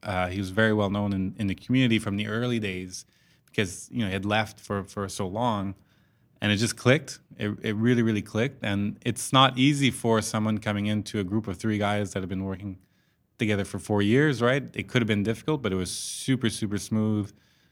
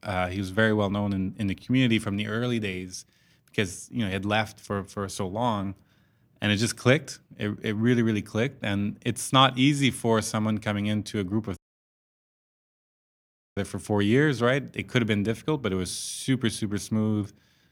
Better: first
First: none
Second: audio cutting out; at 12 s for 2 s

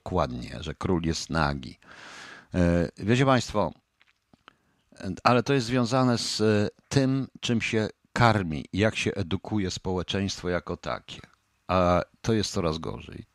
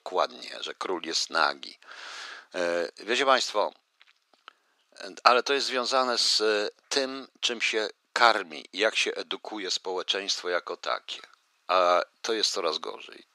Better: first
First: none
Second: thin; very; fading below 400 Hz

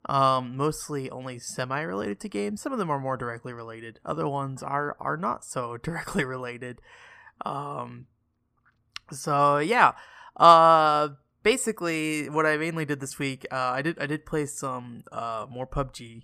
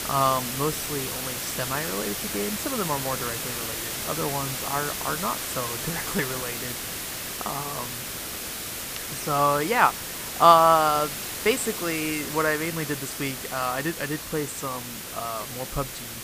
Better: first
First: none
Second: hiss; loud; throughout; 4 dB below the speech

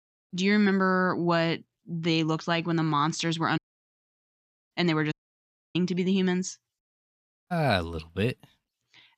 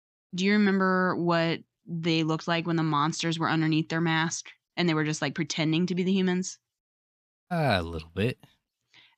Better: second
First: audio cutting out; at 3.5 s for 1 s and at 5 s for 0.5 s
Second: none

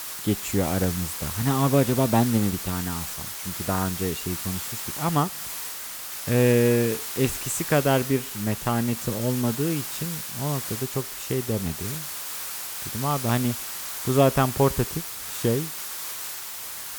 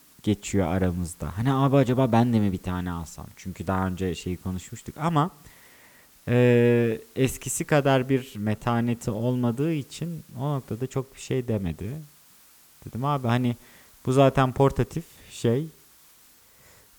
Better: second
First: hiss; loud; throughout; 5 dB below the speech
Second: hiss; faint; throughout; 25 dB below the speech

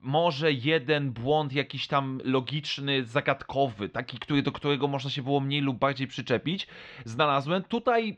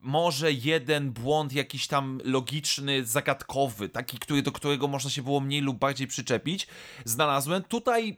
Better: second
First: muffled; slightly; fading above 4 kHz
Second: none

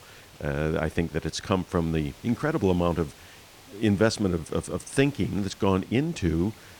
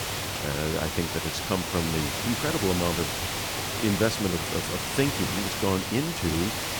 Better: first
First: hiss; faint; throughout; 20 dB below the speech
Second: hiss; loud; throughout; as loud as the speech

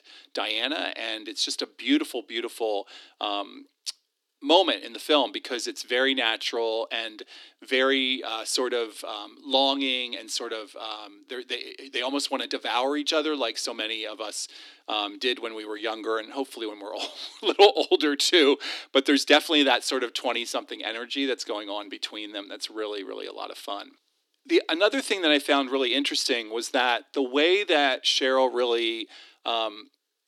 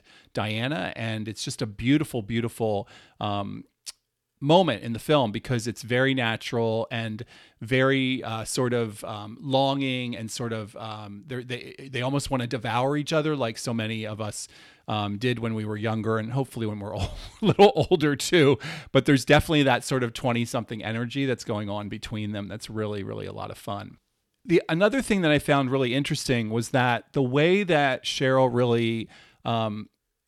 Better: second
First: thin; very slightly; fading below 250 Hz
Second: none

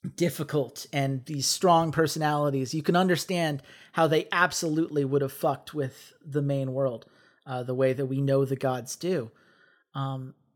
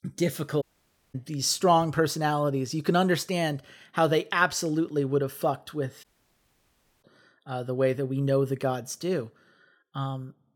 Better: first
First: none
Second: audio cutting out; at 0.5 s for 0.5 s and at 6 s for 1 s

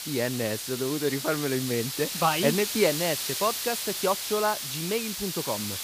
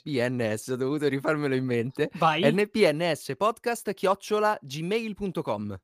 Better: second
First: hiss; loud; throughout; 3 dB below the speech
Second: none

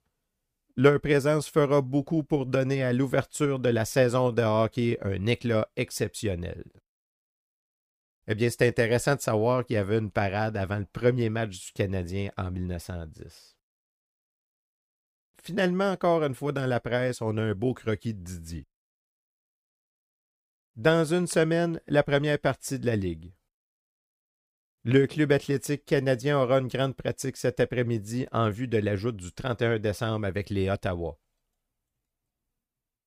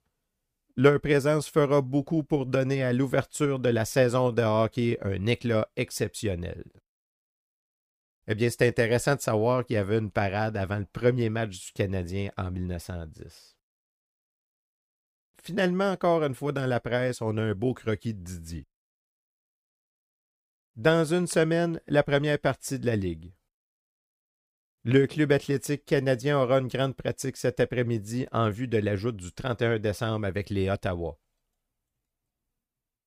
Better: neither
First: none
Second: none

